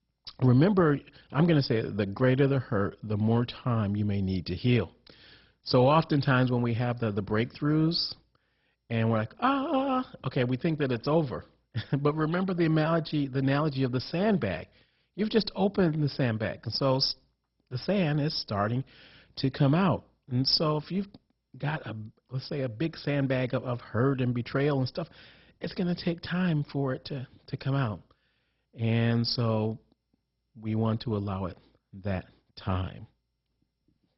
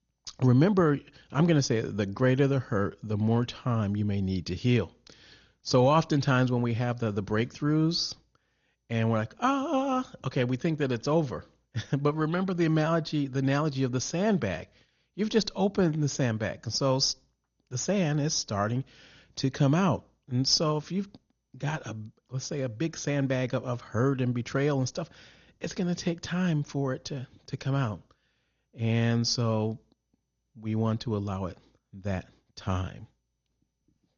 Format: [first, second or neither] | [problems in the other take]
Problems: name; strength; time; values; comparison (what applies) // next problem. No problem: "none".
second | garbled, watery; badly; nothing above 5.5 kHz; slightly in the second